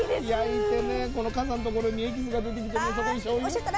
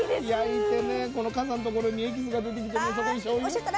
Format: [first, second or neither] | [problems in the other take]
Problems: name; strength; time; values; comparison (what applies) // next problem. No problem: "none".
second | background sound (Bell / Train); 10 dB below the speech